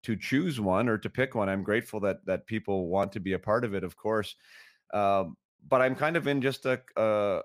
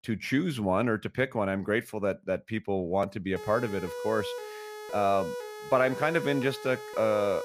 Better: first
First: none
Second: siren; noticeable; from 3.5 s on; peak 7 dB below the speech

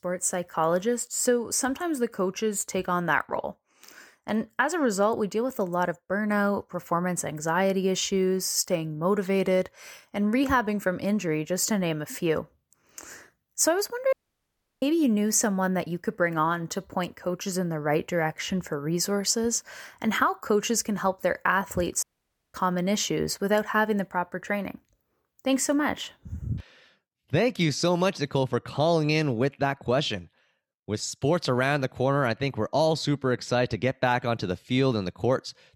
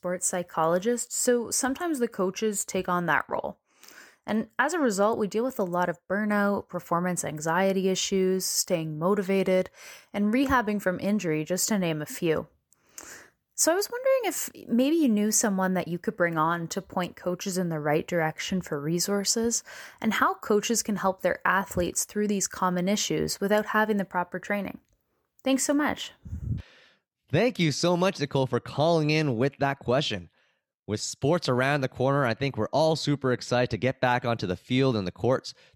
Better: second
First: audio cutting out; at 14 s for 0.5 s and at 22 s for 0.5 s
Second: none

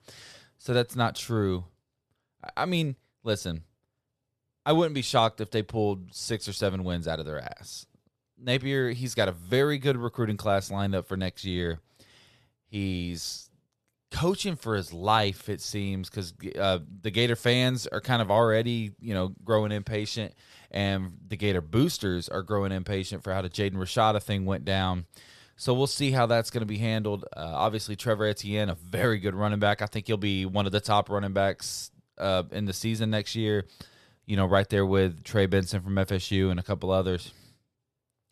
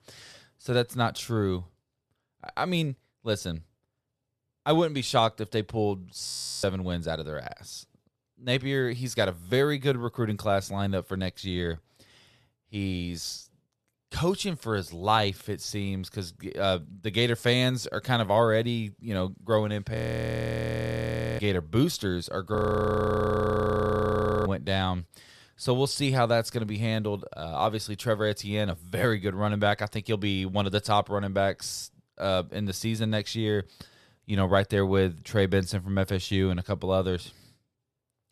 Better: first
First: none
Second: audio freezing; at 6.5 s, at 20 s for 1.5 s and at 23 s for 2 s

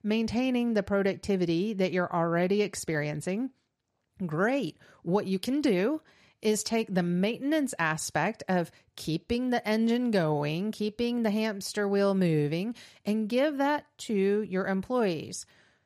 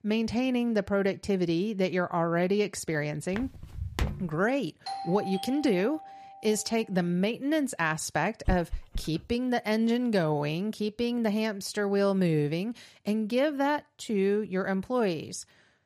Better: first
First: none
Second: footsteps; noticeable; at 3.5 s; peak 4 dB below the speech // doorbell; noticeable; from 5 to 6.5 s; peak 8 dB below the speech // dog barking; noticeable; at 8.5 s; peak 7 dB below the speech

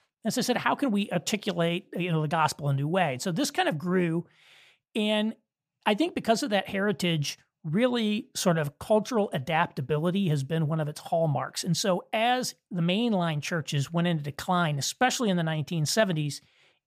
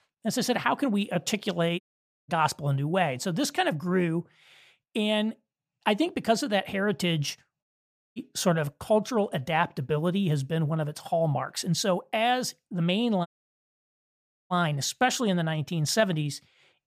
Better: first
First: none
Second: audio cutting out; at 2 s, at 7.5 s for 0.5 s and at 13 s for 1 s

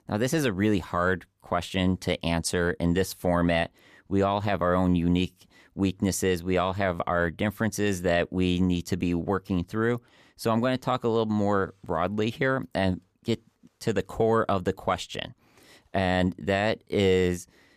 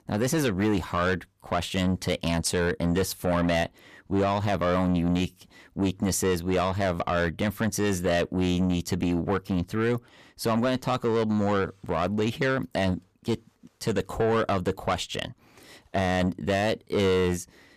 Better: first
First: none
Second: distortion; slight; 10 dB below the speech

